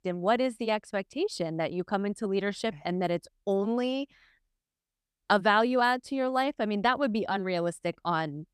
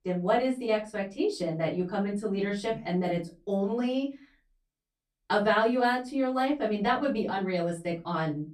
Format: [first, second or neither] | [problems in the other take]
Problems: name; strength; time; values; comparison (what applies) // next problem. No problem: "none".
first | off-mic speech; far // room echo; very slight; dies away in 0.2 s